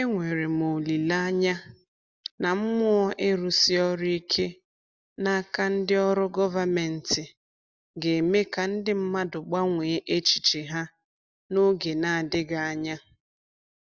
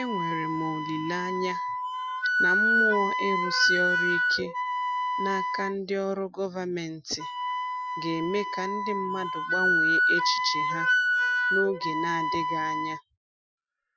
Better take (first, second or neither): first